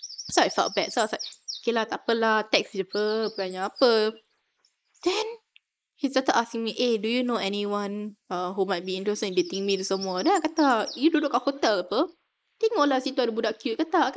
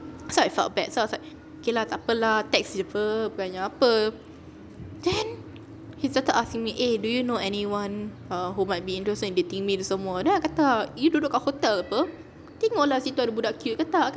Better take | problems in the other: second | noise reduction (neural mask model Resemble Enhance denoiser)

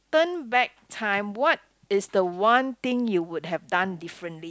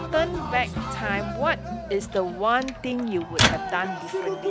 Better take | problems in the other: first | background sound (Microwave oven + Cheering); 2 dB below the speech

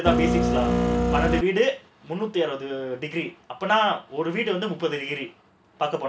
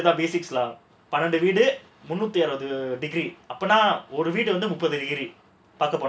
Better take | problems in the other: second | background sound (Printer); 5 dB above the speech

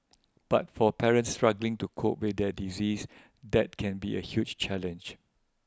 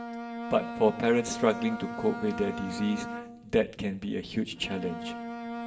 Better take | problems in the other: first | background sound (Bowed string instrument); 8 dB below the speech // room echo; dies away in 1.7 s

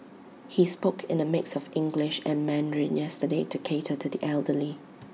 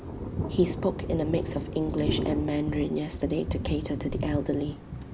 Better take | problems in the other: first | background sound (Thunder); 3 dB below the speech

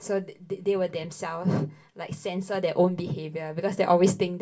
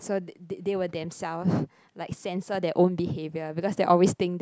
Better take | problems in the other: second | room echo; dies away in 0.2 s

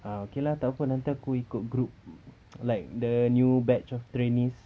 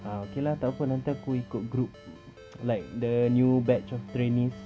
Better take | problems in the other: first | background sound (Bowed string instrument + Ringtone); 17 dB below the speech

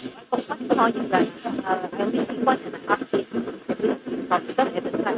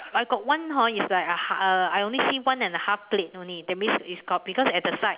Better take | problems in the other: second | noise reduction (neural mask model RNNoise)

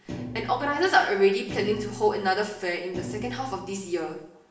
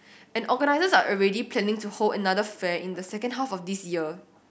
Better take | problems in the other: second | background sound (Thump, thud); 12 dB below the speech // room echo; dies away in 0.7 s

